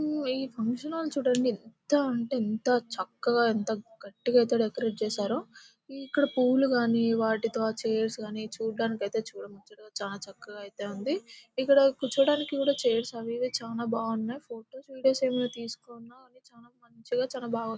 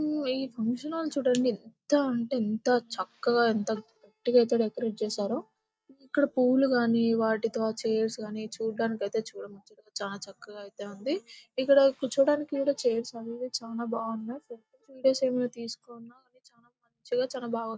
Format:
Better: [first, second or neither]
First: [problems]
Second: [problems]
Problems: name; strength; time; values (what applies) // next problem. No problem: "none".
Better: first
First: none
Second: noise reduction (neural mask model DeepFilterNet 3)